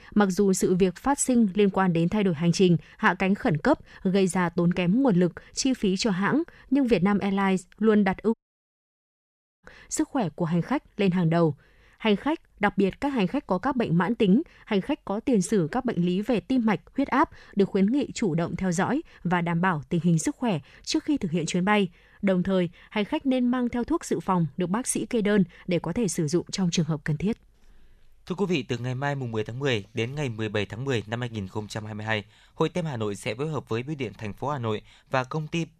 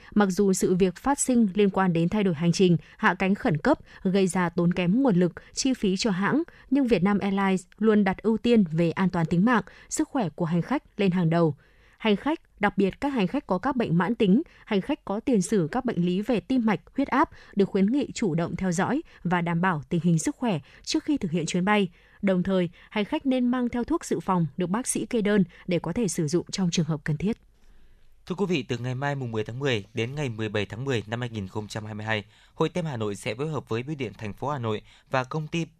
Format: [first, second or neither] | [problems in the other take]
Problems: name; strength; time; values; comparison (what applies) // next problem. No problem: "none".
second | audio cutting out; at 8.5 s for 1.5 s